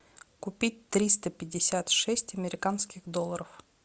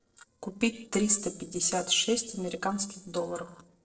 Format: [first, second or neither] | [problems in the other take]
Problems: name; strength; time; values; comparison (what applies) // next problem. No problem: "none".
first | noise reduction (neural separator model SepFormer DNS4)